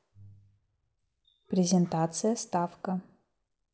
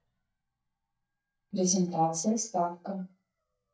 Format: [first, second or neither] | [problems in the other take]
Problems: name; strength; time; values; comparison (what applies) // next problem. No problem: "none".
first | noise reduction (neural mask model DeepFilterNet 3)